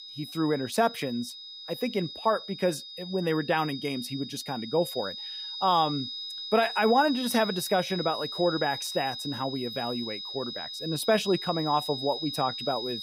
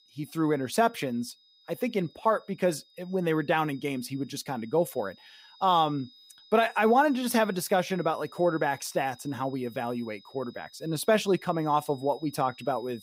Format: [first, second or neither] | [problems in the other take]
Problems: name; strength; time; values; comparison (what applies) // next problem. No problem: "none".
second | high-pitched whine; loud; throughout; 4 kHz, 7 dB below the speech; faint in the second